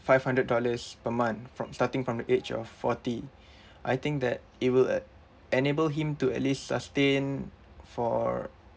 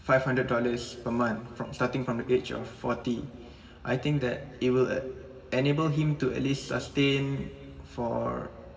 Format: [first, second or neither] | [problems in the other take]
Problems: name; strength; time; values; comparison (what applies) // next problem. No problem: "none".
first | room echo; dies away in 1.7 s